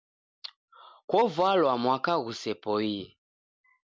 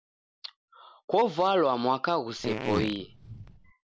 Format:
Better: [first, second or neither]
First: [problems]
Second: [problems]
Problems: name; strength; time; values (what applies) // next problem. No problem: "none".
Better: first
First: none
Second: background sound (Fart); 6 dB below the speech